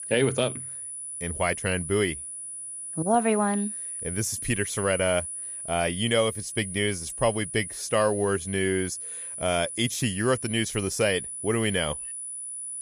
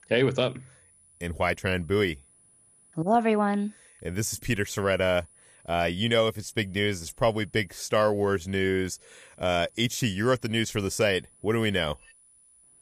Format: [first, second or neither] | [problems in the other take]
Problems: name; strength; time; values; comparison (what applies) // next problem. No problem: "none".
second | high-pitched whine; loud; throughout; 10 kHz, 7 dB below the speech; faint in the second